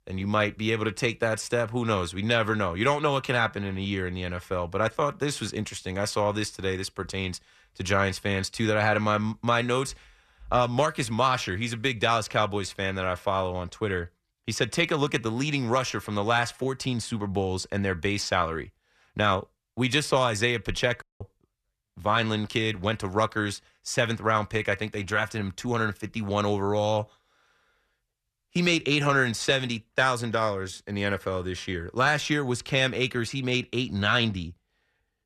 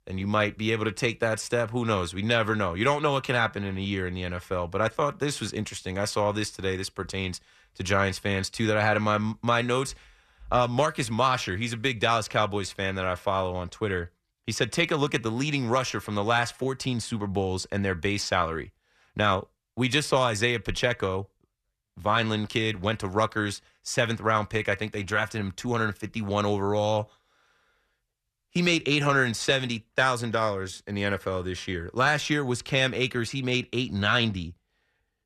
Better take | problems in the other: second | audio cutting out; at 21 s

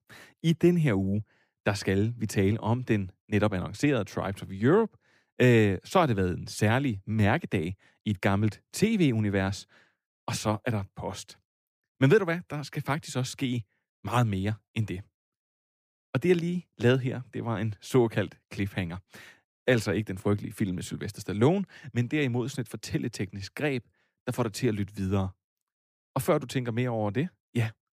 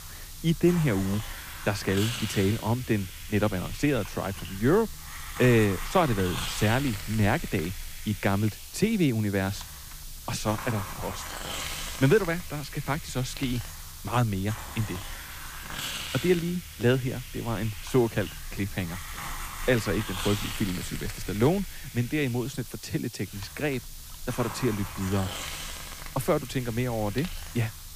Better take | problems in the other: first | hiss; loud; throughout; 9 dB below the speech

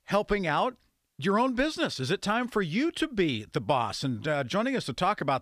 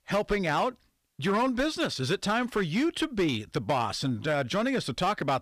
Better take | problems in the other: first | distortion; slight; 7% of the sound clipped

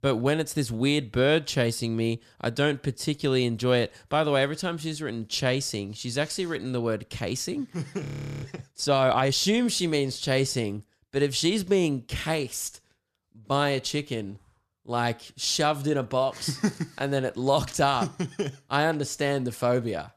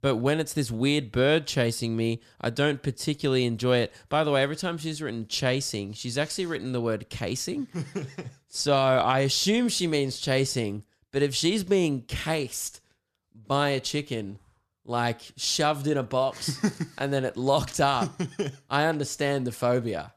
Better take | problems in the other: second | audio freezing; at 8 s

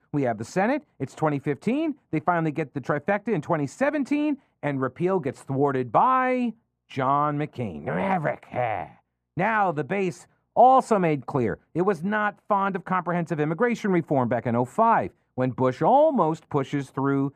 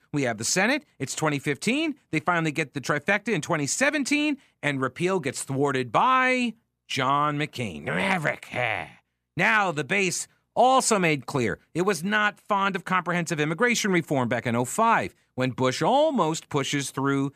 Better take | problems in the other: second | muffled; very; fading above 2 kHz

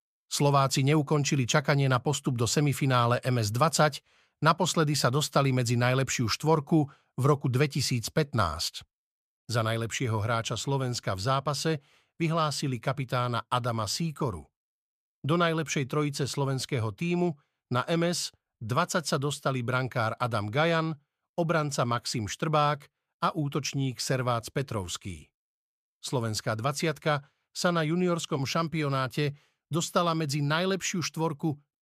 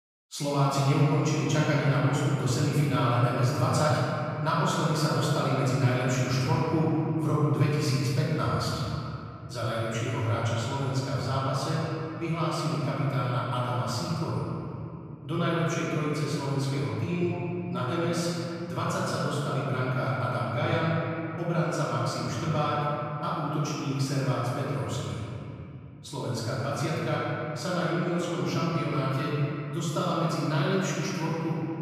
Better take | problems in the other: first | room echo; strong; dies away in 3 s // off-mic speech; far

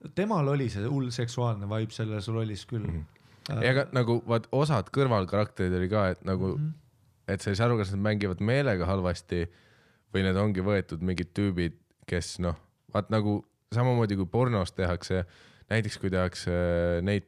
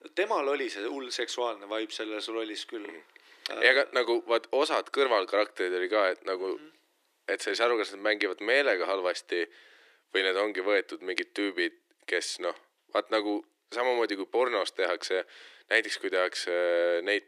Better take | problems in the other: first | thin; very; fading below 300 Hz

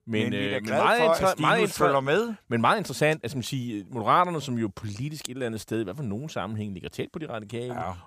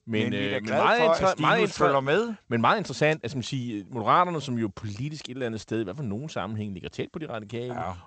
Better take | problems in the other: first | garbled, watery; slightly; nothing above 8 kHz

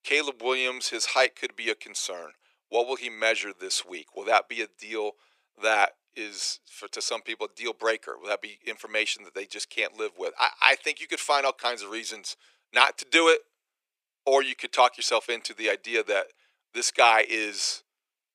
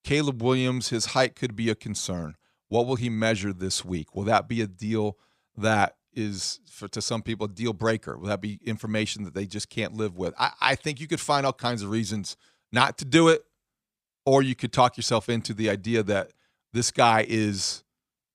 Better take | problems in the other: second | thin; very; fading below 400 Hz

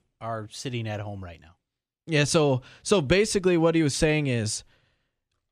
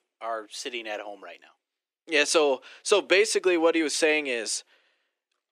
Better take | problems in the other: first | thin; very; fading below 350 Hz

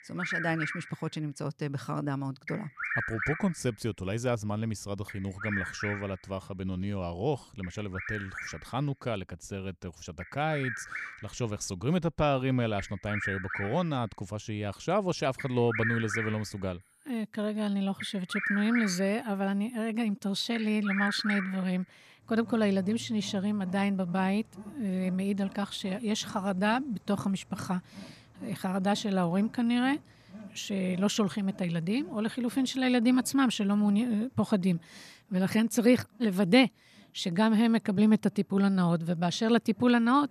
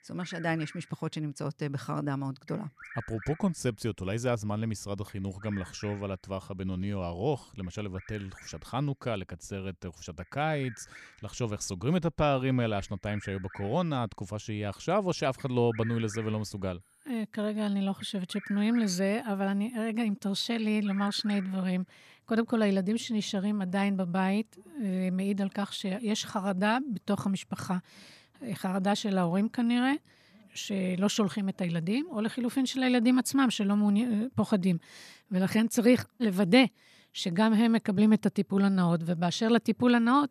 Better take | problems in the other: second | animal sounds; loud; throughout; 9 dB below the speech; faint in the second

